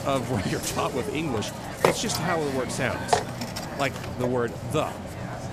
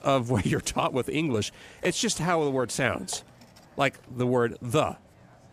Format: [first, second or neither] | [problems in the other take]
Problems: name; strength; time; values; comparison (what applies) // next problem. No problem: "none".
second | hiss; loud; throughout; 2 dB below the speech; faint in the second